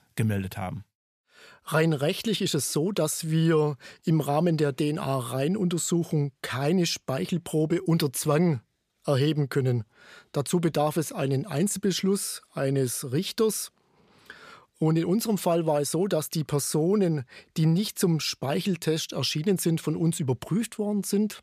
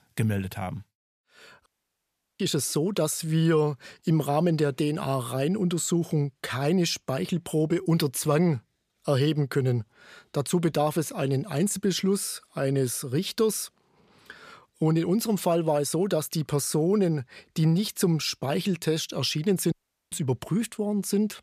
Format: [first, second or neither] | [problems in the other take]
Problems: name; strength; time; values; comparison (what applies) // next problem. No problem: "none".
first | audio cutting out; at 1.5 s for 0.5 s and at 20 s